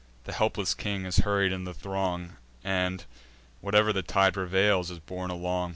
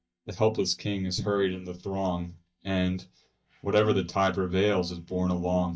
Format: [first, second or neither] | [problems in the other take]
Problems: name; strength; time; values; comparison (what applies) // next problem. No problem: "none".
first | noise reduction (neural mask model DeepFilterNet 3)